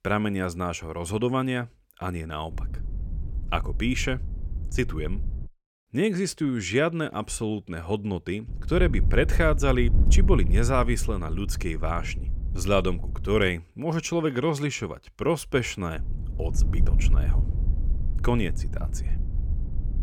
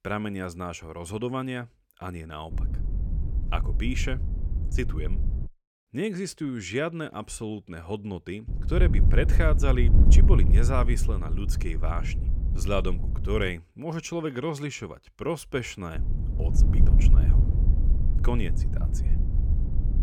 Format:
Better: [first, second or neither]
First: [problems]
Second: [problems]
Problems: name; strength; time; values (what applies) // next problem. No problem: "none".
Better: first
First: wind noise on the microphone; occasional gusts; from 2.5 to 5.5 s, from 8.5 to 14 s and from 16 s on; 15 dB below the speech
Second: wind noise on the microphone; heavy; from 2.5 to 5.5 s, from 8.5 to 14 s and from 16 s on; 9 dB below the speech